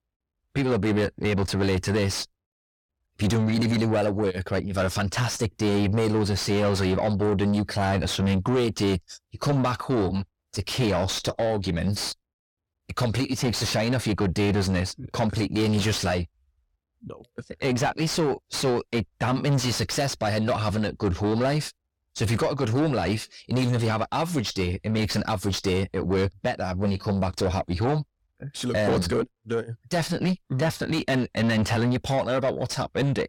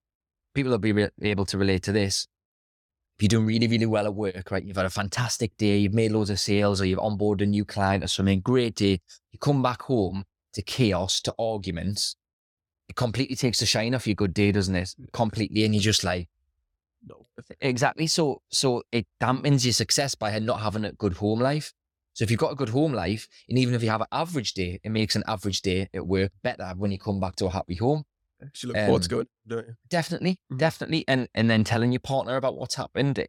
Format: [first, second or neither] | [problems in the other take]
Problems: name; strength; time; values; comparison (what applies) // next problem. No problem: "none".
second | distortion; heavy; 7 dB below the speech